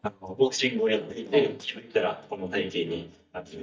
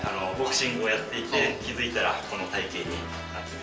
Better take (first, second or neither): second